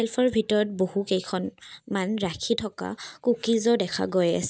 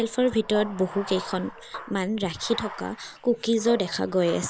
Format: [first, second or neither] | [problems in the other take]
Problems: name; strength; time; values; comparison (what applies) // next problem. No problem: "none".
first | background sound (Bathtub (filling or washing)); 14 dB below the speech